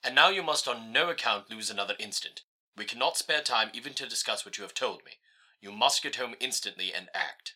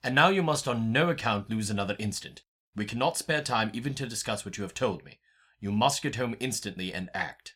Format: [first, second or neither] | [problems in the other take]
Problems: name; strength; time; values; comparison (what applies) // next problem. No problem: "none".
second | thin; very; fading below 550 Hz